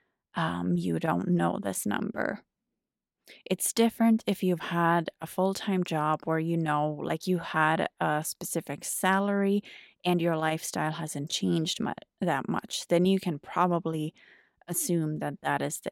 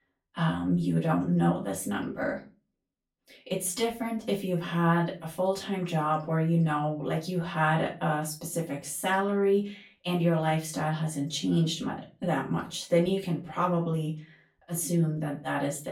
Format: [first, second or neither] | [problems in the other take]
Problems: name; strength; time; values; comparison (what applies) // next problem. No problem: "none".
first | off-mic speech; far // room echo; very slight; dies away in 0.3 s